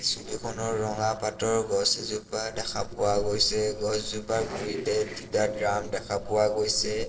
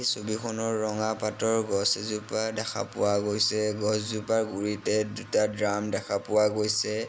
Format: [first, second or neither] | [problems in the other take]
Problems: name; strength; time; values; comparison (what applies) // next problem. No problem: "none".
second | noise reduction (neural separator model SepFormer DNS4)